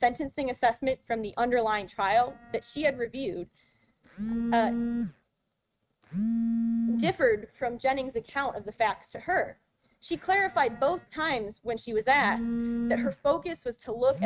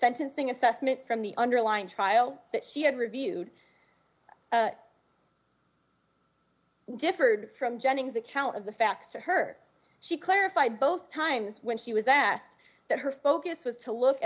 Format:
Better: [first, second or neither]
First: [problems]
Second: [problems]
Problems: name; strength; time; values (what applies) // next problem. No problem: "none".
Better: second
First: noise reduction (neural mask model RNNoise)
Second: none